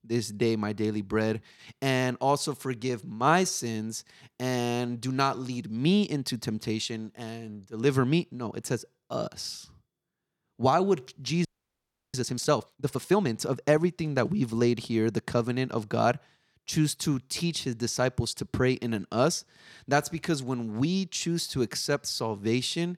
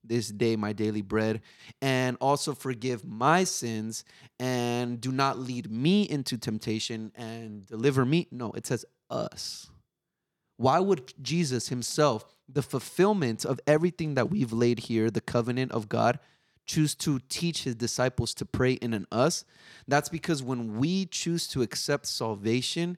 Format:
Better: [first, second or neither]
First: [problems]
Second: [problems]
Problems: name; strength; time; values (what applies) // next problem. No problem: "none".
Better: second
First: audio freezing; at 11 s for 0.5 s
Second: none